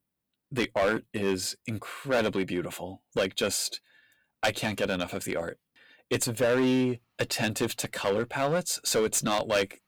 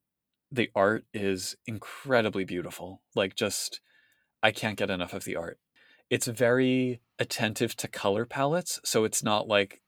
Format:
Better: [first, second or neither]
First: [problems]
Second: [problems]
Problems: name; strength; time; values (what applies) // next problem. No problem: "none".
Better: second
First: distortion; heavy; 5% of the sound clipped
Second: none